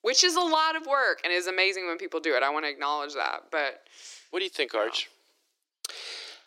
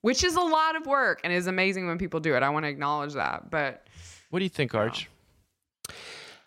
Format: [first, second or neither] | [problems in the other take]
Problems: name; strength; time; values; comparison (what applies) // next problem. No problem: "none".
second | thin; very; fading below 300 Hz